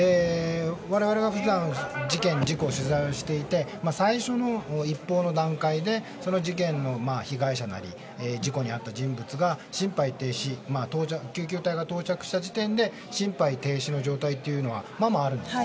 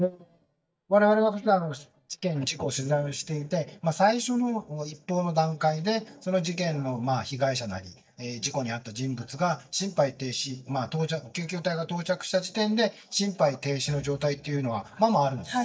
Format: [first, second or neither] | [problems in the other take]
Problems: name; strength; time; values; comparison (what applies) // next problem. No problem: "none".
first | noise reduction (neural mask model DeepFilterNet 3)